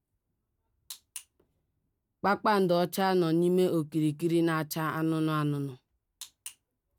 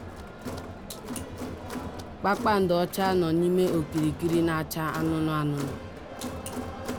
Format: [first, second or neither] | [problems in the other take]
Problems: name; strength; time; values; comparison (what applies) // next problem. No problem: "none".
first | background sound (Crowd); 9 dB below the speech